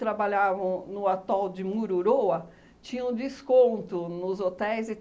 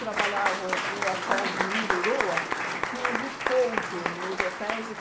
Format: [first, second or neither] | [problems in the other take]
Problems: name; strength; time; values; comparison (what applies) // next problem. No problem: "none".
first | background sound (Applause / Crowd); 2 dB above the speech